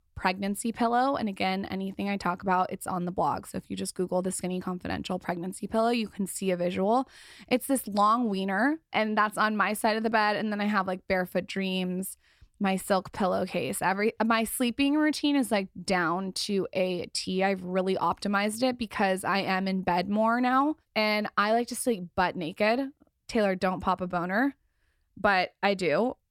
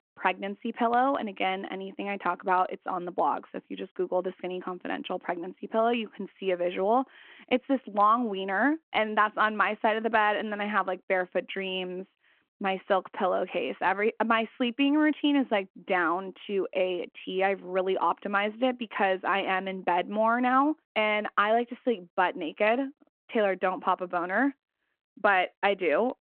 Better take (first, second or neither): first